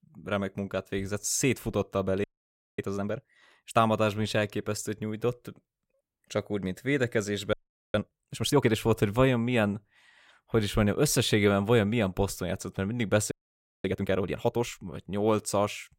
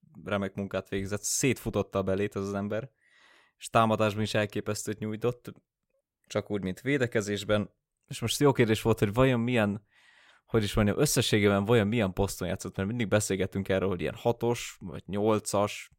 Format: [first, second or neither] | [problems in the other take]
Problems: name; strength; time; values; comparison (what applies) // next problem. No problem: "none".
second | audio freezing; at 2 s for 0.5 s, at 7.5 s and at 13 s for 0.5 s